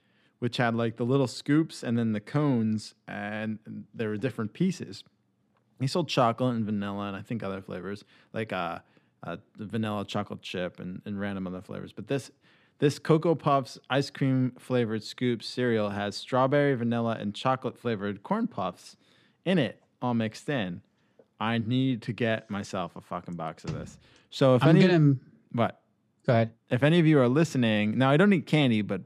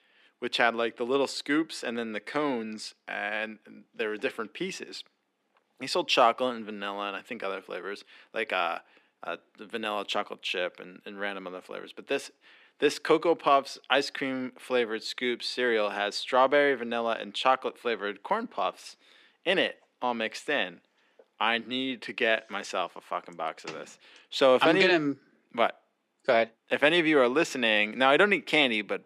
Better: first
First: none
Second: thin; somewhat; fading below 350 Hz

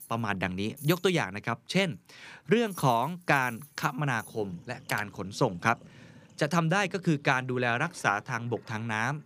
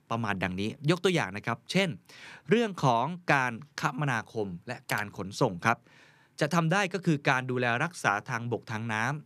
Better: second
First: household noises; faint; throughout; 20 dB below the speech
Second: none

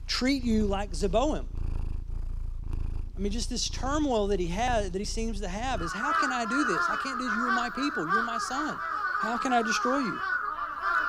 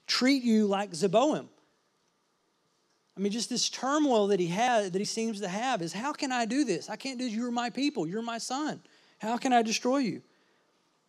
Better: second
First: animal sounds; loud; throughout; 1 dB below the speech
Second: none

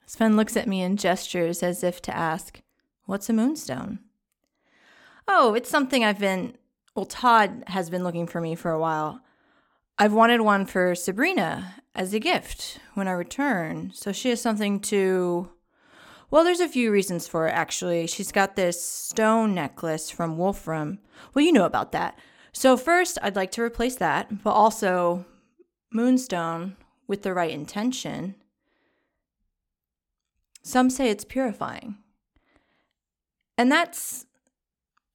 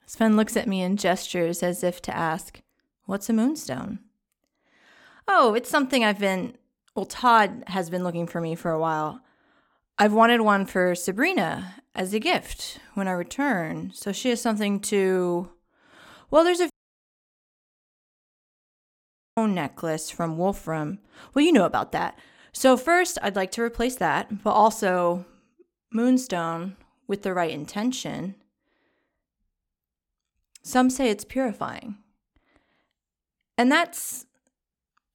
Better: first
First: none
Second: audio cutting out; at 17 s for 2.5 s

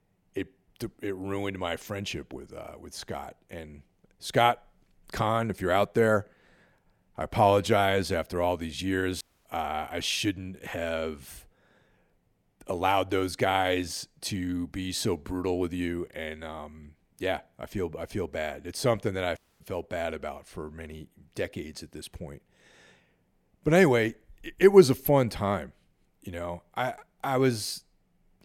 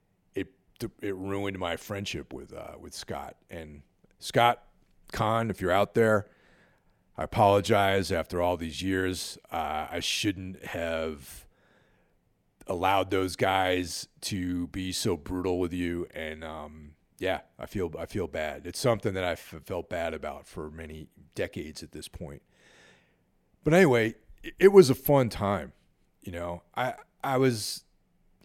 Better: second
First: audio cutting out; at 9 s and at 19 s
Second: none

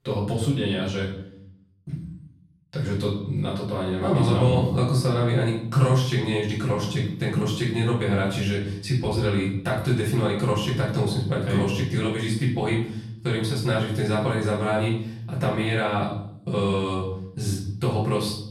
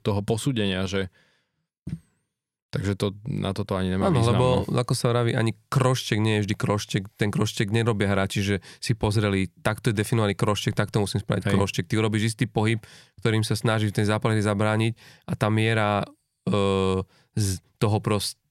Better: second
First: off-mic speech; far // room echo; noticeable; dies away in 0.7 s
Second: none

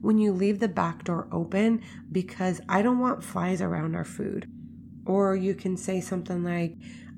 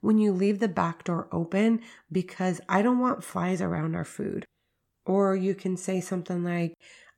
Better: second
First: low rumble; faint; throughout; 20 dB below the speech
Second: none

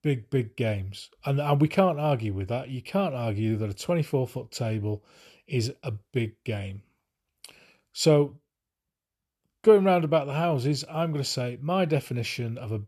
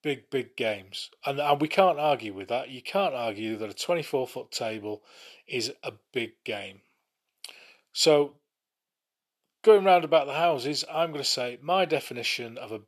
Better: first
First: none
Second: thin; somewhat; fading below 350 Hz

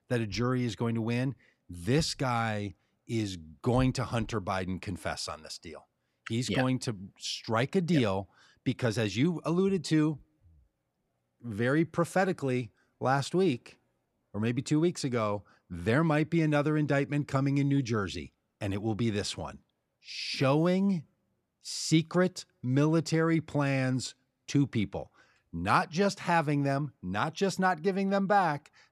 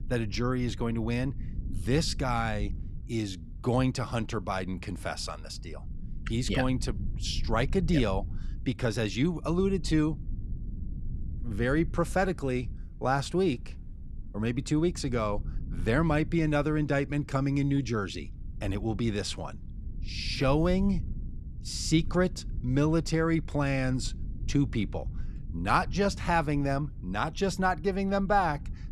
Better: first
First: none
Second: low rumble; faint; throughout; 25 dB below the speech

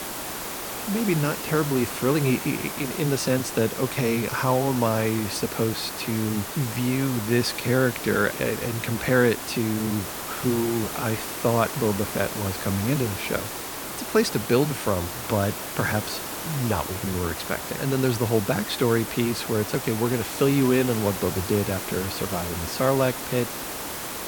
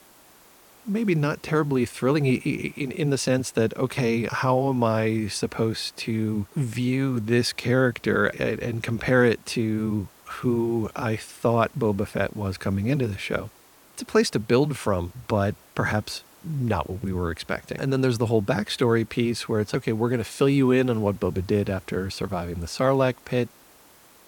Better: second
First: hiss; loud; throughout; 6 dB below the speech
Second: hiss; faint; throughout; 25 dB below the speech

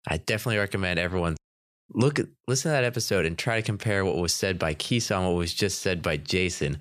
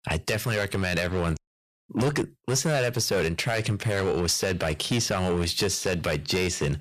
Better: first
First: none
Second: distortion; heavy; 10% of the sound clipped

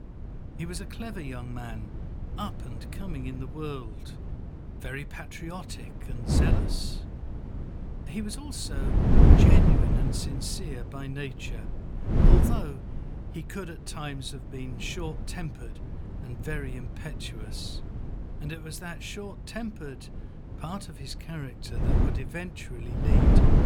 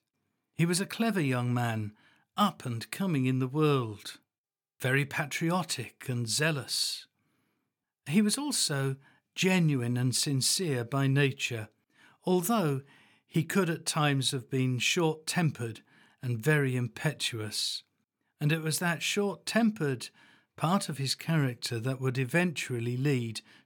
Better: second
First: wind noise on the microphone; heavy; 2 dB above the speech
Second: none

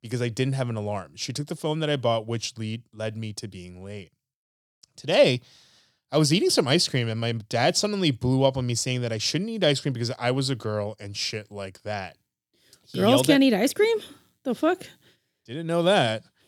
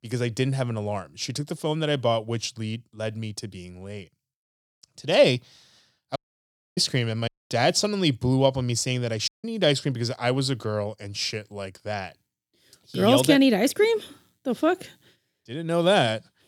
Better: first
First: none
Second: audio cutting out; at 6 s for 0.5 s, at 7.5 s and at 9.5 s

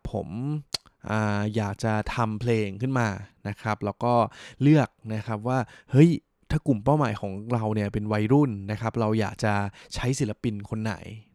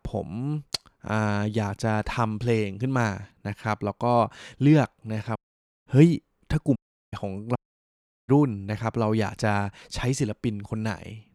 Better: first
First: none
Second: audio cutting out; at 5.5 s for 0.5 s, at 7 s and at 7.5 s for 0.5 s

